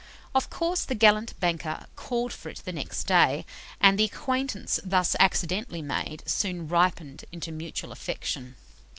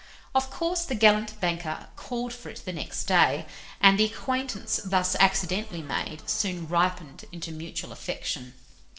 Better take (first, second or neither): first